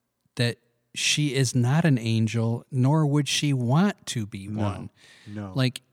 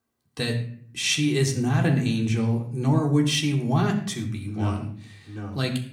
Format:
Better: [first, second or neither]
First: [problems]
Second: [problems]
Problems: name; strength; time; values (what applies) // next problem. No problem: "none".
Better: first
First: none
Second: room echo; slight; dies away in 0.5 s // off-mic speech; somewhat distant